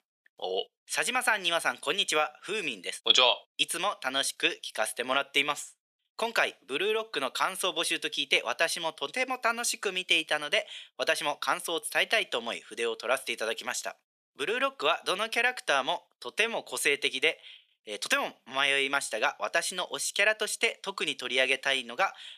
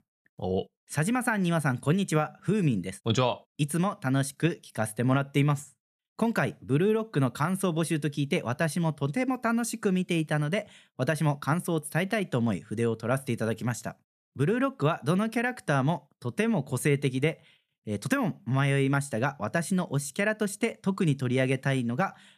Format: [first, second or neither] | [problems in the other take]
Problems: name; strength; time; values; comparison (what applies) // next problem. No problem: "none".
second | thin; very; fading below 500 Hz